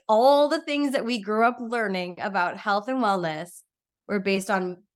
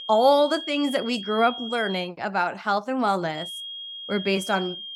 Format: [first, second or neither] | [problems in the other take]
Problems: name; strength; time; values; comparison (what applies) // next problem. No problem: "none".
first | high-pitched whine; loud; until 2 s and from 3.5 s on; 3.5 kHz, 10 dB below the speech